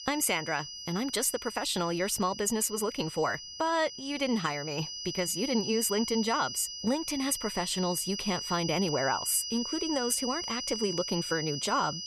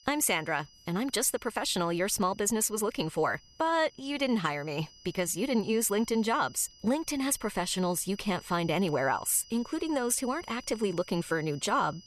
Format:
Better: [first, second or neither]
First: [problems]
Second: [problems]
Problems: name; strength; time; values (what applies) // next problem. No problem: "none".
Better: second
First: high-pitched whine; loud; throughout; 5 kHz, 6 dB below the speech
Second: high-pitched whine; faint; throughout; 5 kHz, 25 dB below the speech